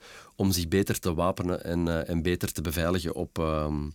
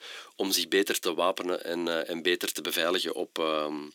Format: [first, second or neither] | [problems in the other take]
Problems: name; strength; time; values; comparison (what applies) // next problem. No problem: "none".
first | thin; somewhat; fading below 300 Hz